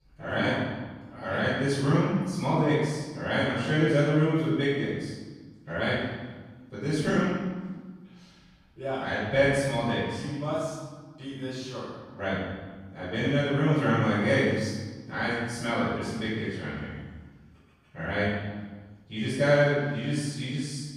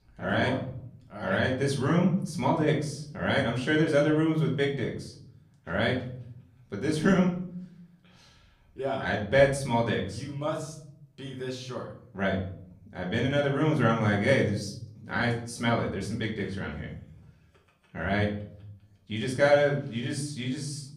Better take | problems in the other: second | room echo; strong; dies away in 1.3 s; slight in the second // off-mic speech; far; far in the second

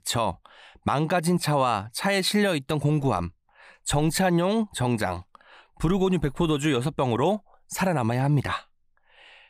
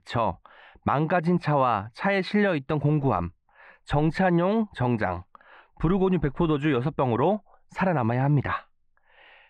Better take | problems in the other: first | muffled; very; fading above 2 kHz

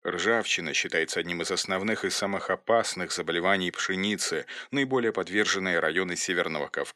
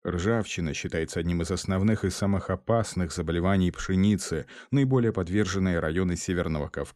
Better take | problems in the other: second | thin; somewhat; fading below 350 Hz

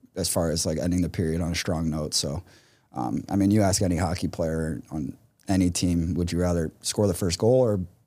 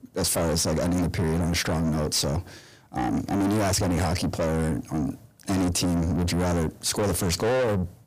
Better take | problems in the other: first | distortion; heavy; 6 dB below the speech

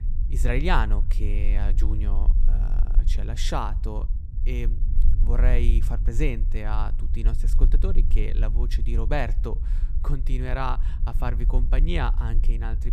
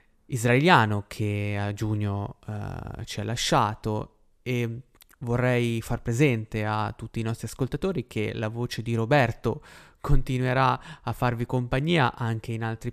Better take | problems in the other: second | low rumble; noticeable; throughout; 15 dB below the speech

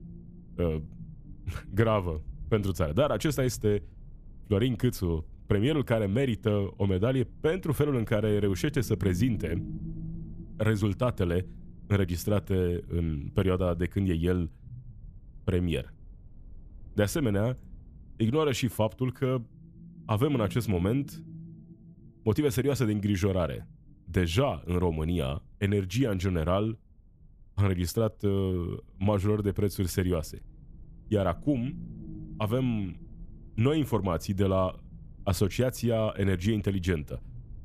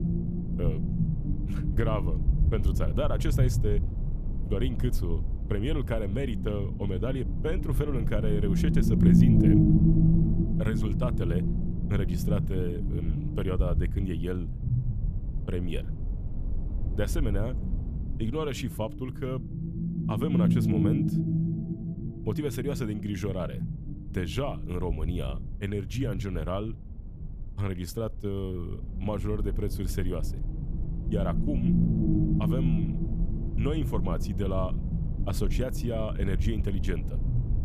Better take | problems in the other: first | low rumble; loud; throughout; 2 dB below the speech; faint in the first

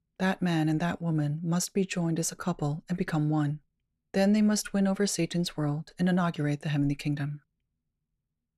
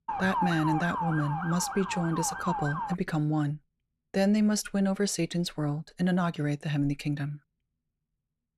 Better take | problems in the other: first | siren; noticeable; until 3 s; peak 1 dB below the speech

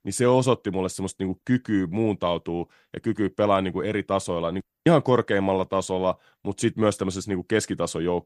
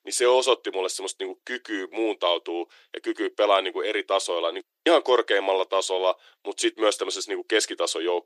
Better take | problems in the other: first | thin; very; fading below 350 Hz

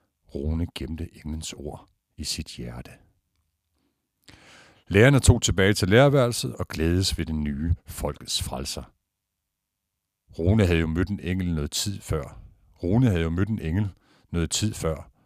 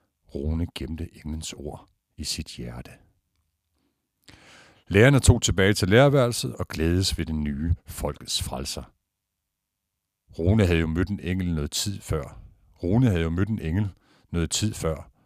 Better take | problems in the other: neither | none

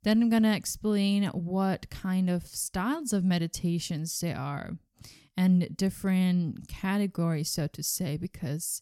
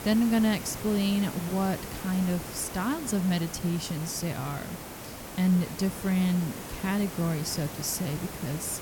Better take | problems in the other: first | hiss; loud; throughout; 10 dB below the speech

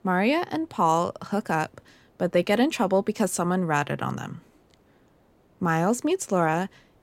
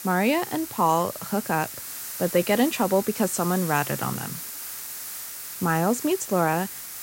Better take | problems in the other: first | hiss; loud; throughout; 8 dB below the speech

